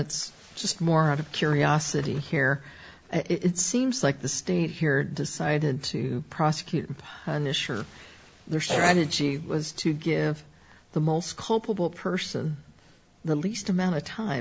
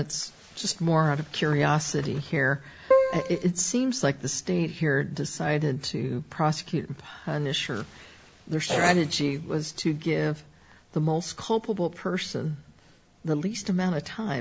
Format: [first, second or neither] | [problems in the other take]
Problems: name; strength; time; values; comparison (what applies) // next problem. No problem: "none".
first | background sound (Keyboard (musical)); 5 dB above the speech